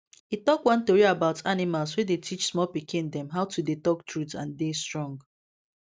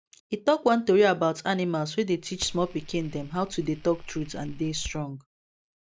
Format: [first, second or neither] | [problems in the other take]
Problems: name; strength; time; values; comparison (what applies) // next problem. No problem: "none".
first | background sound (Fire); 14 dB below the speech